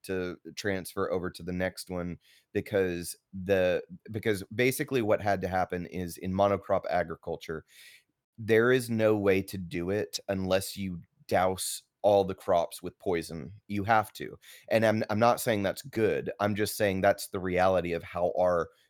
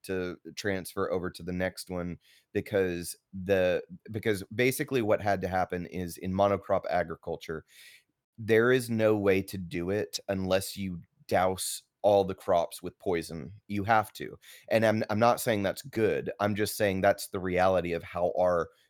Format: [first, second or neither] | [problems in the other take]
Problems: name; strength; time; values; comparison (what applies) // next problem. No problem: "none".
neither | none